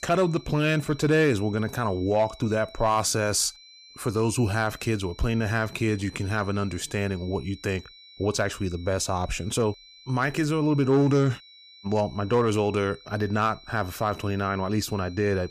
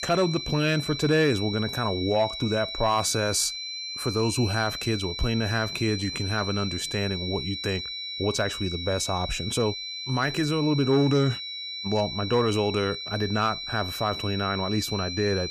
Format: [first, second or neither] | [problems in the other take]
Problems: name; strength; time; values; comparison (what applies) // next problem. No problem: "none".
first | high-pitched whine; loud; throughout; 4 kHz, 6 dB below the speech; faint in the first